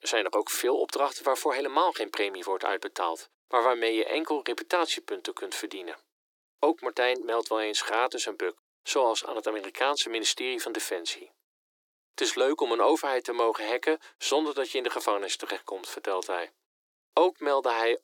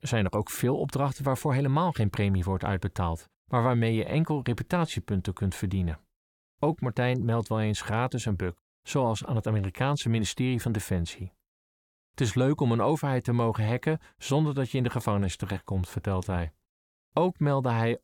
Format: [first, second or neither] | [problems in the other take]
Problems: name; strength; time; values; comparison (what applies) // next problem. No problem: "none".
second | thin; very; fading below 300 Hz